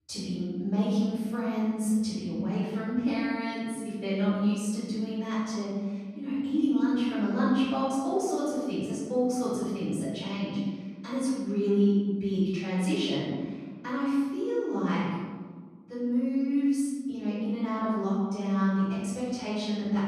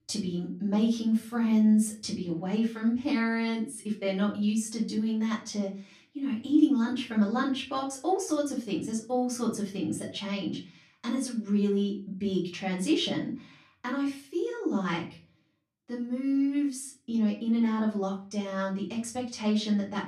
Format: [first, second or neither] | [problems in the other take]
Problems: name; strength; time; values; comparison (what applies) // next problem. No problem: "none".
second | room echo; strong; dies away in 1.6 s; slight in the second // off-mic speech; far; far in the second